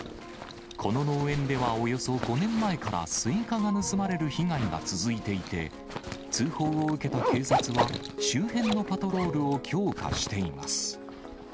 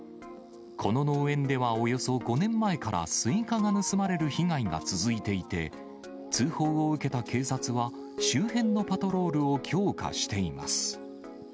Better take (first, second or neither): second